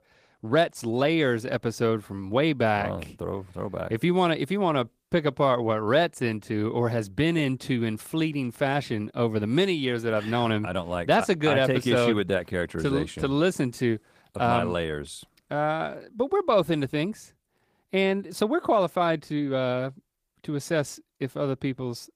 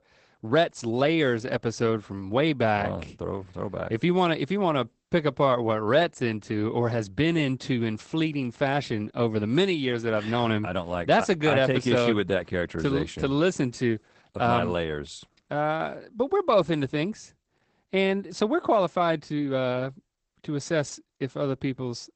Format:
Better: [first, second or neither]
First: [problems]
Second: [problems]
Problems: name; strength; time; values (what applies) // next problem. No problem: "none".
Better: first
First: garbled, watery; slightly; nothing above 15 kHz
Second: garbled, watery; badly; nothing above 8 kHz